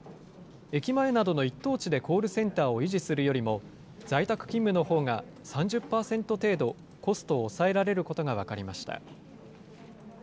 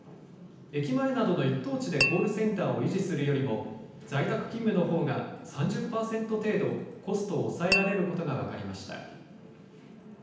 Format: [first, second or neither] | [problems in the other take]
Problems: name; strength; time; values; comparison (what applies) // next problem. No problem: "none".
first | background sound (Tap / Glass); 3 dB below the speech // room echo; dies away in 0.9 s